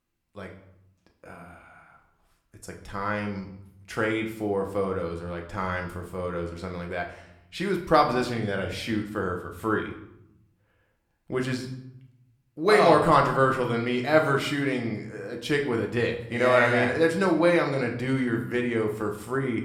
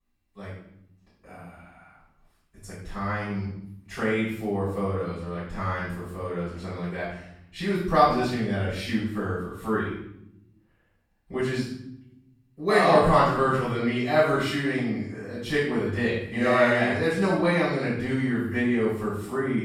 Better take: first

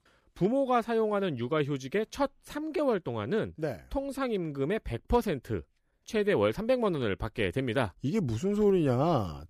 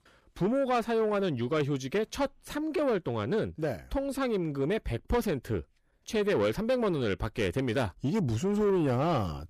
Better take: first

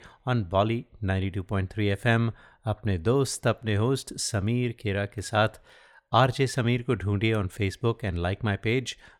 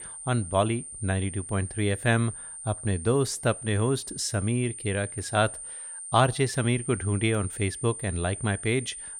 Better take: first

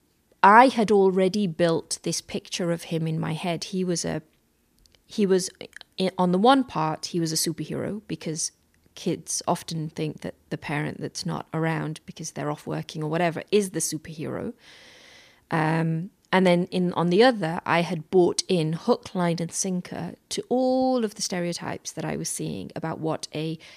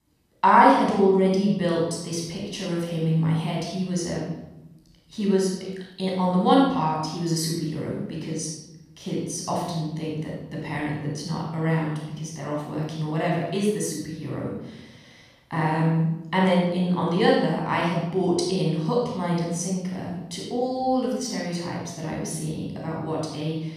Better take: first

